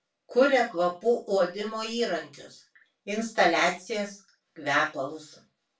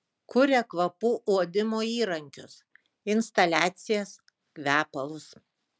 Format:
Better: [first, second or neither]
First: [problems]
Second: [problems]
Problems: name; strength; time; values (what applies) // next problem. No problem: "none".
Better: second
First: room echo; dies away in 0.3 s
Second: none